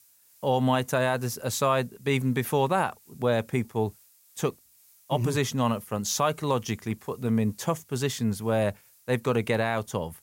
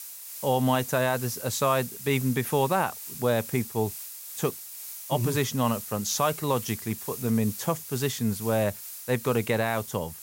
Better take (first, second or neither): first